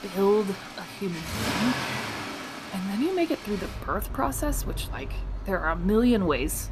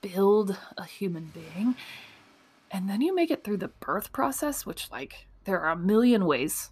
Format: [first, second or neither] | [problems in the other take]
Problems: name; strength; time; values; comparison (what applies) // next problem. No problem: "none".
second | traffic noise; loud; throughout; 7 dB below the speech; faint in the second